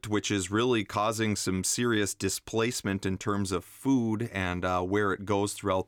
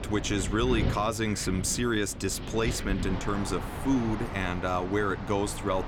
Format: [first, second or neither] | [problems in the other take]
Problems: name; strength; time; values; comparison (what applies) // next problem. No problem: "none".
first | wind in the background; loud; throughout; 6 dB below the speech